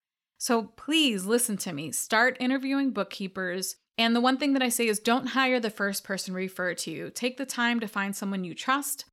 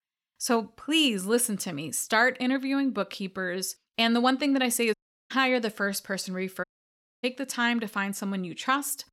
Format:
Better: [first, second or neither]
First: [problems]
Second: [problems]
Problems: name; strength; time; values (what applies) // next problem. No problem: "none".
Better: first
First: none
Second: audio cutting out; at 5 s and at 6.5 s for 0.5 s